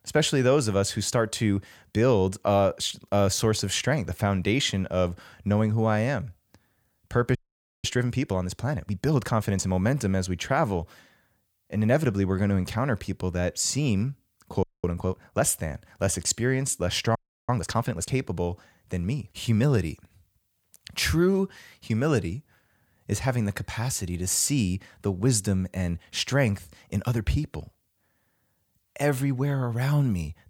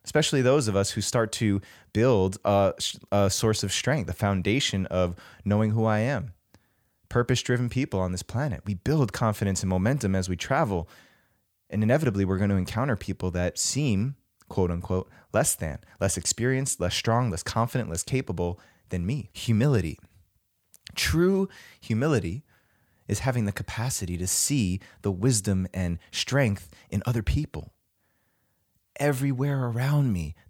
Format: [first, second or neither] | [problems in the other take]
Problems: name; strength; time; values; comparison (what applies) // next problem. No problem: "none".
second | audio freezing; at 7.5 s, at 15 s and at 17 s